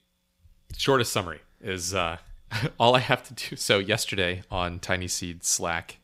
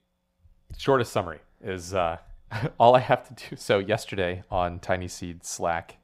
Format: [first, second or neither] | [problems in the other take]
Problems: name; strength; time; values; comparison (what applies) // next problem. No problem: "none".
first | muffled; slightly; fading above 2 kHz